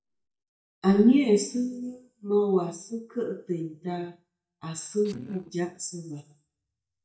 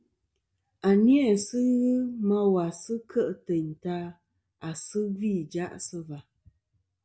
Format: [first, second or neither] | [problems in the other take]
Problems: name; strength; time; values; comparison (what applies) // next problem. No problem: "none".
second | noise reduction (neural mask model DeepFilterNet 3)